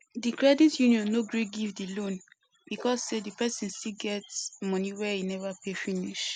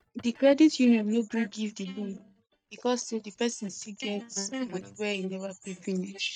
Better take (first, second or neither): first